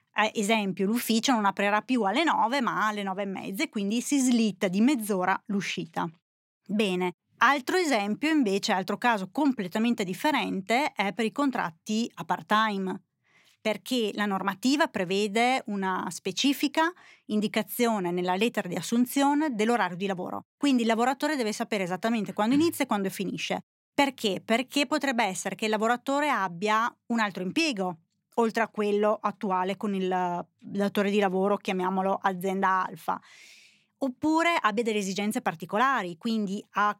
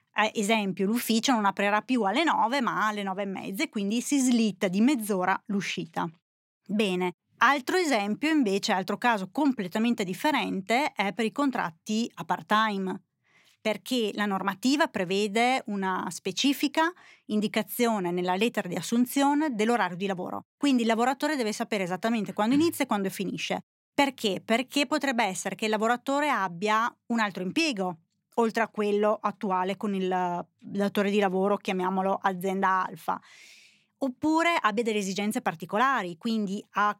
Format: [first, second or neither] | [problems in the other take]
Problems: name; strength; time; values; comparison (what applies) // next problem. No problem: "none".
neither | none